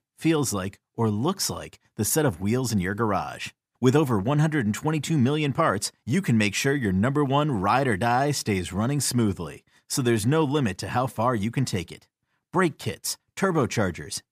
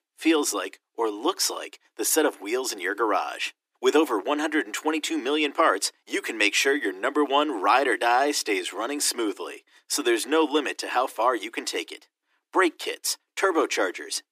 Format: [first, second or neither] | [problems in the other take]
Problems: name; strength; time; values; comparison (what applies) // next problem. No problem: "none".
first | thin; somewhat; fading below 300 Hz